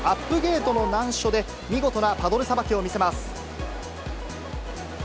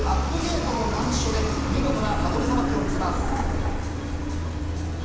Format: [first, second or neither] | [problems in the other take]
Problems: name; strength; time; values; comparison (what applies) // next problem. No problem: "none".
first | background sound (Truck); 3 dB above the speech // room echo; dies away in 1.1 s